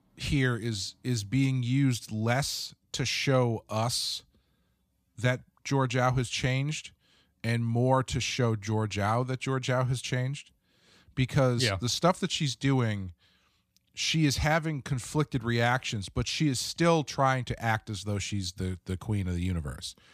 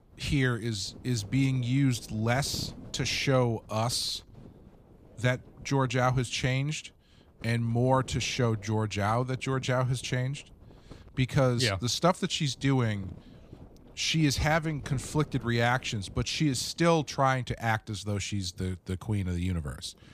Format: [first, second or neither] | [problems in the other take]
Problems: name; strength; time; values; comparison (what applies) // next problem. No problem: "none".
first | wind noise on the microphone; occasional gusts; 25 dB below the speech